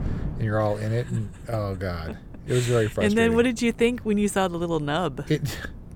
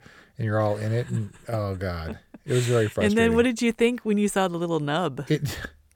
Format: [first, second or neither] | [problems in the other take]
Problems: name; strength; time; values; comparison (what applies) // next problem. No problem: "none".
second | wind noise on the microphone; occasional gusts; 25 dB below the speech